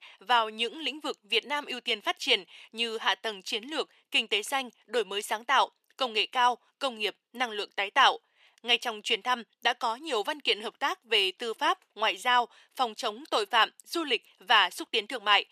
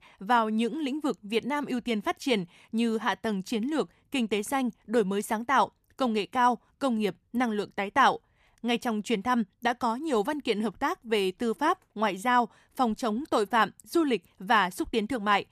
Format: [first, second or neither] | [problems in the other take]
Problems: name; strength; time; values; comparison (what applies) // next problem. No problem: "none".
second | thin; very; fading below 400 Hz